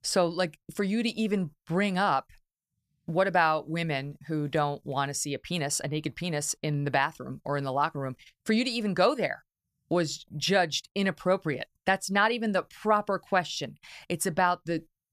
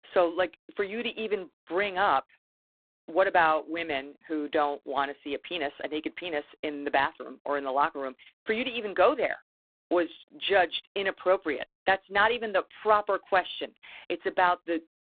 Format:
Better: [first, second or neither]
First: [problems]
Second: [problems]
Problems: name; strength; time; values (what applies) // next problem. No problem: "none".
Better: first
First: none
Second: phone-call audio; poor line; nothing above 3.5 kHz